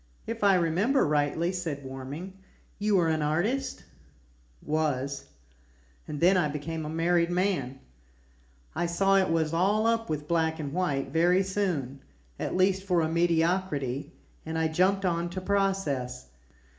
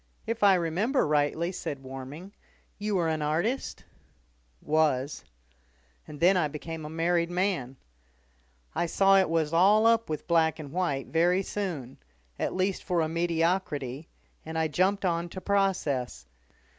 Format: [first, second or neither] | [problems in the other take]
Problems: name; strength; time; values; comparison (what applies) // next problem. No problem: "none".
second | room echo; dies away in 0.4 s